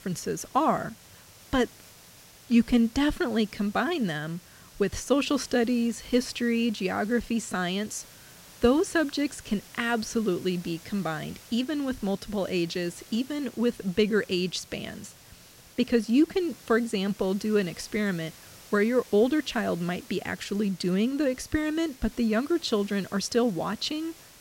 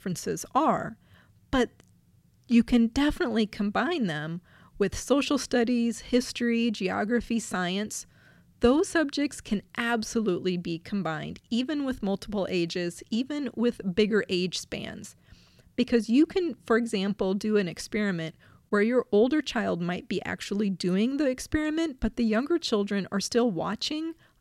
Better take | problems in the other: second | hiss; faint; throughout; 20 dB below the speech

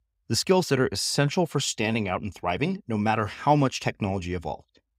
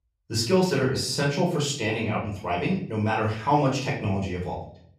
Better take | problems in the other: first | room echo; slight; dies away in 0.5 s // off-mic speech; far

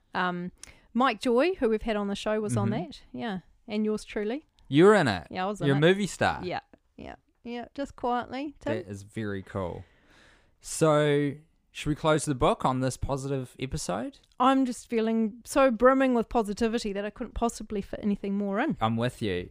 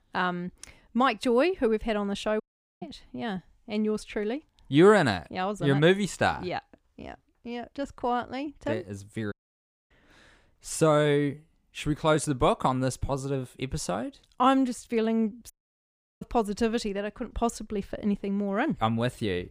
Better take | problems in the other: first | audio cutting out; at 2.5 s, at 9.5 s for 0.5 s and at 16 s for 0.5 s

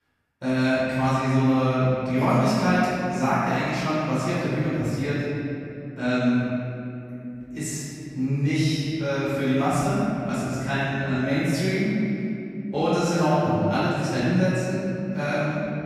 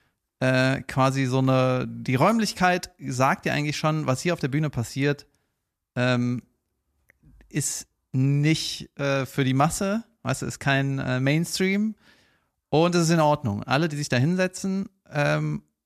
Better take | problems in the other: second | room echo; strong; dies away in 2.9 s // off-mic speech; far

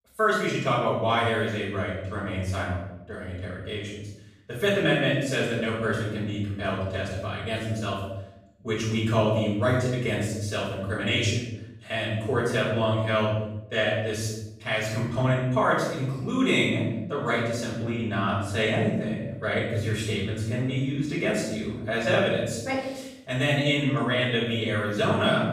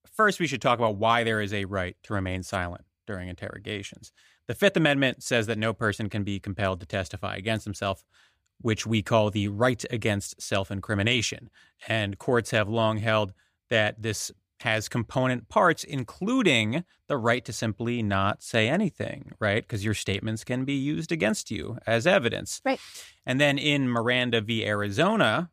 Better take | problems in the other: second | off-mic speech; far // room echo; noticeable; dies away in 0.9 s

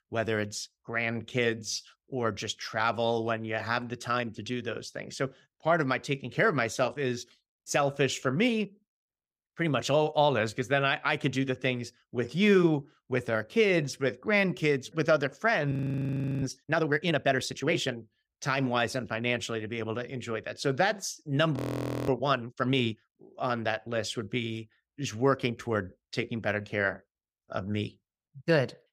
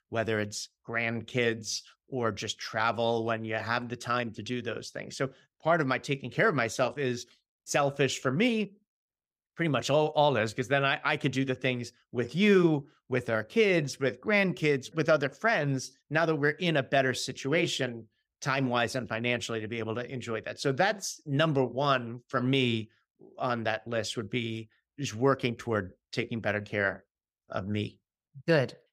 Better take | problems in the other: second | audio freezing; at 16 s for 0.5 s and at 22 s for 0.5 s

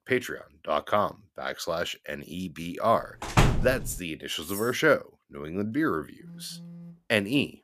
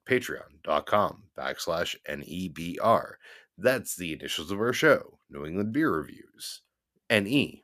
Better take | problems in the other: second | door banging; loud; at 3 s; peak 5 dB above the speech // clattering dishes; noticeable; at 4.5 s; peak 10 dB below the speech // phone ringing; faint; at 6 s; peak 15 dB below the speech

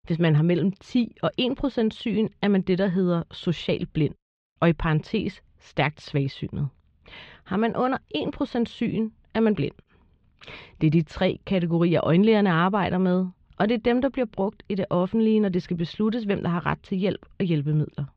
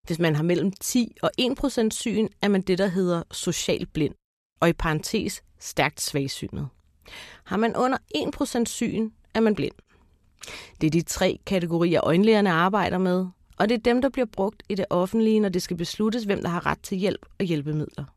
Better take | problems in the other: second | muffled; slightly; fading above 3.5 kHz

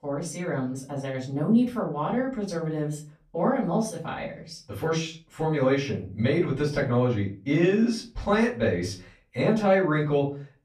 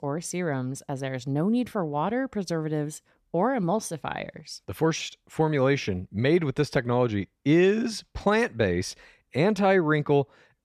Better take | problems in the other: second | off-mic speech; far // room echo; slight; dies away in 0.3 s

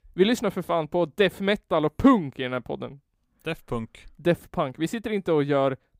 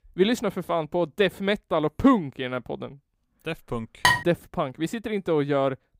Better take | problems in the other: first | clattering dishes; loud; at 4 s; peak 5 dB above the speech

